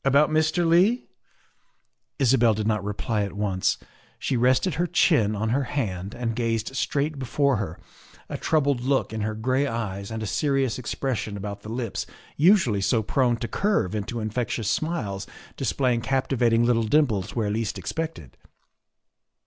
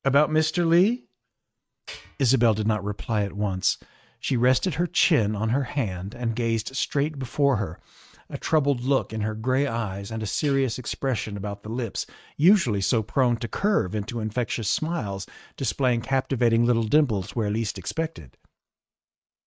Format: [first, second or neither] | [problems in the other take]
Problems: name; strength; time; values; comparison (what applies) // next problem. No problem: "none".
first | noise reduction (neural mask model RNNoise)